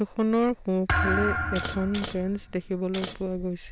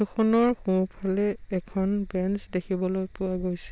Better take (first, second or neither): second